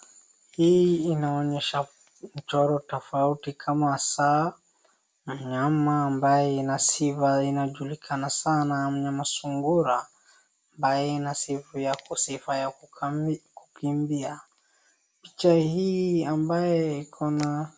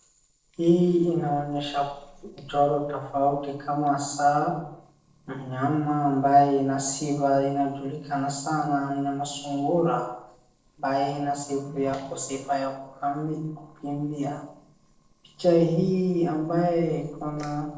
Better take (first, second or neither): first